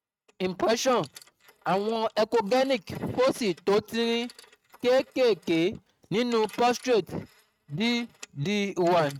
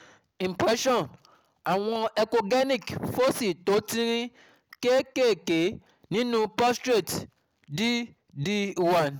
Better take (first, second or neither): second